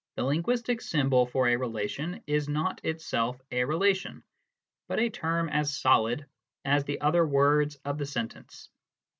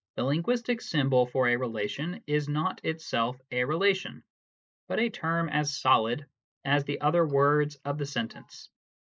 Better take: first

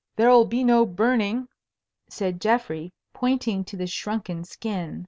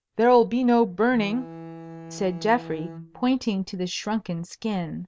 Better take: first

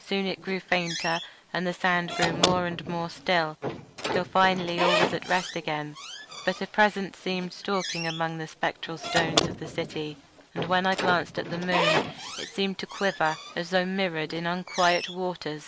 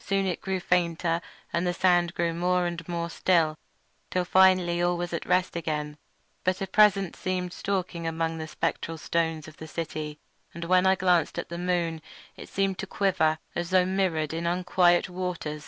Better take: second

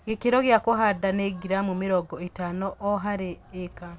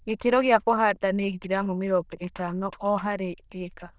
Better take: first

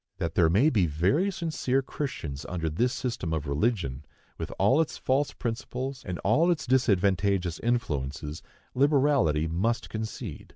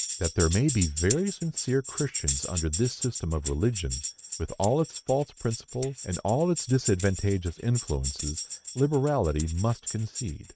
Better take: first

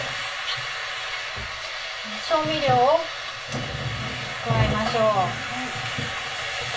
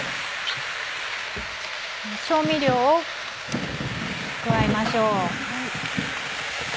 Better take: second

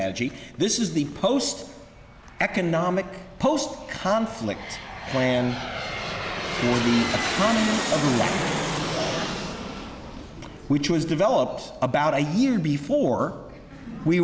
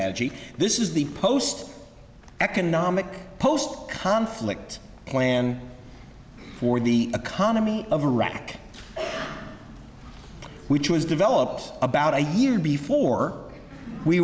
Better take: second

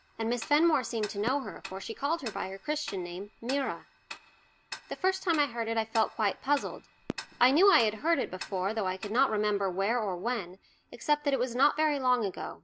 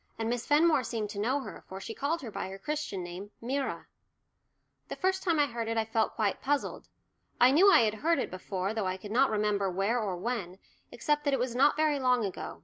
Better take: second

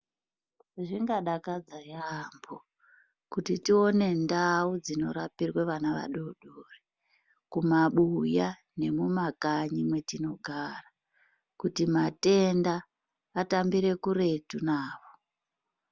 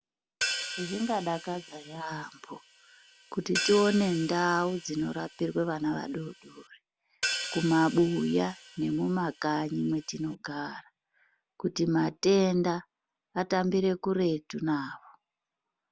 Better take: first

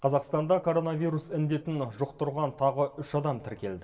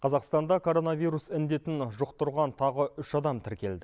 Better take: second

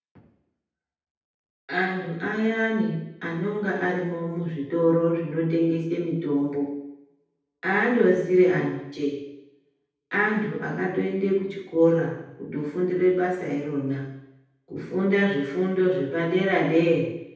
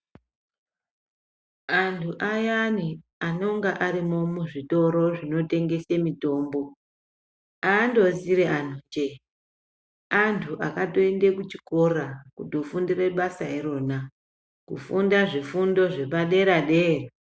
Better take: second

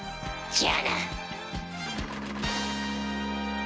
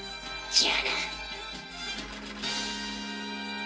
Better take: first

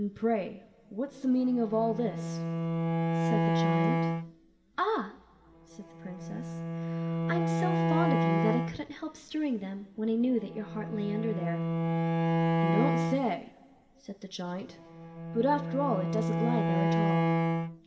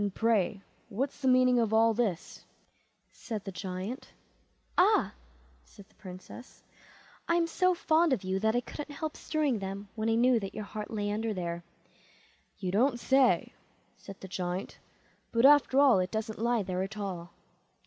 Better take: second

